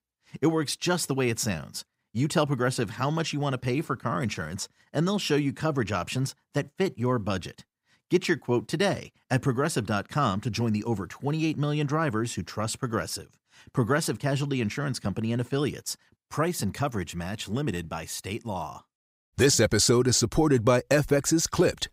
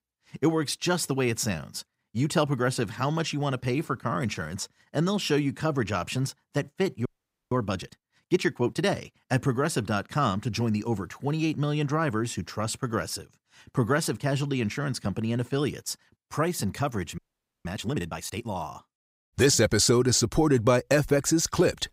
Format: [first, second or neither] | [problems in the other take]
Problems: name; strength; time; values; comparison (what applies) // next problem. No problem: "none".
first | audio freezing; at 7 s and at 17 s